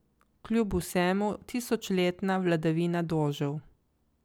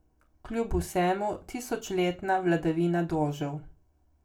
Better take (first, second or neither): first